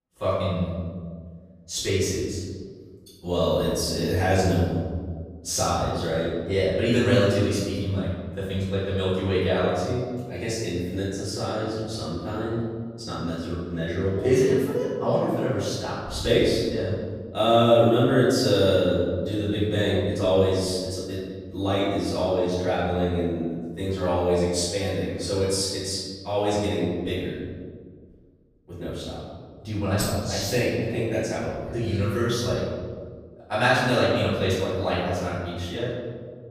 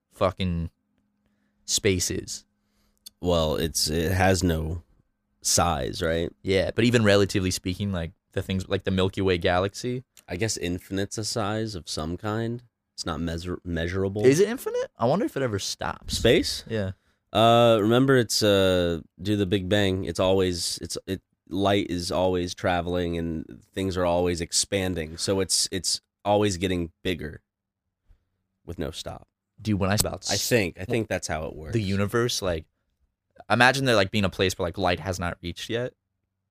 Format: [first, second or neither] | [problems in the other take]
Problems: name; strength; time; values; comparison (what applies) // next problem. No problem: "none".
second | room echo; strong; dies away in 1.7 s // off-mic speech; far